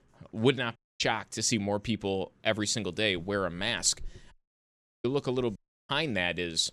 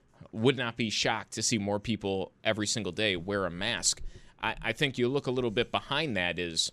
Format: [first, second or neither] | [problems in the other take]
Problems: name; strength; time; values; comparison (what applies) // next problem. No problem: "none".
second | audio cutting out; at 1 s, at 4.5 s for 0.5 s and at 5.5 s